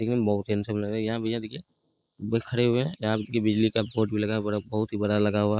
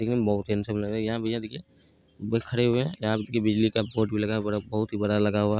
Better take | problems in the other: second | noise reduction (neural mask model Resemble Enhance denoiser)

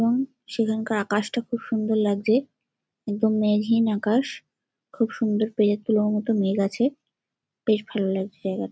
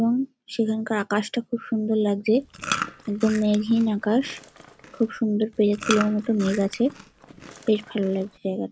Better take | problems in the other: first | background sound (Chewing, mastication); 11 dB below the speech

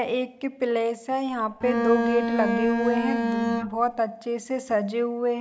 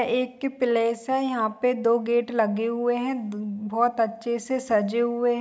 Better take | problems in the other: second | background sound (Bowed string instrument); 1 dB above the speech

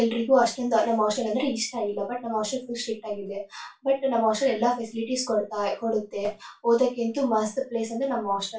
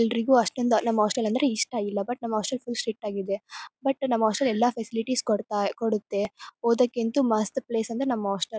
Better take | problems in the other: second | room echo; dies away in 0.2 s

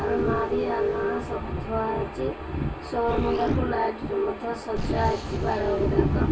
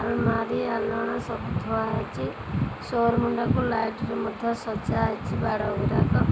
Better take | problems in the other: second | background sound (Explosion); 14 dB below the speech // room echo; dies away in 0.1 s

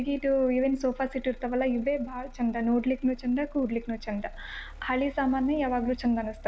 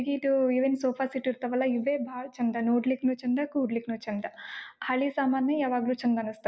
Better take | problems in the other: second | background sound (Motor vehicle (road)); 16 dB below the speech

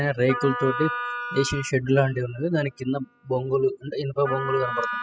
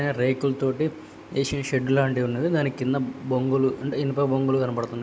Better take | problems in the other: second | noise reduction (classical method spectral subtraction)

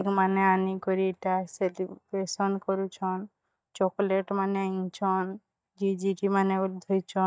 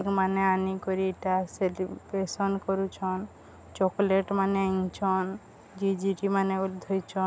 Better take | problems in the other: second | noise reduction (neural mask model DeepFilterNet 3)

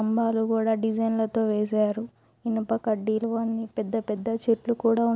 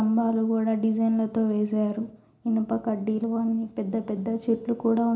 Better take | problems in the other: first | room echo; dies away in 0.4 s

